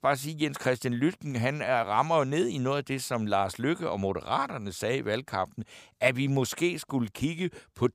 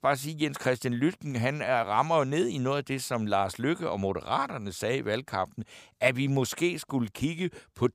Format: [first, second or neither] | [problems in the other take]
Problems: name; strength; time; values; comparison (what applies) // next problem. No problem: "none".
neither | none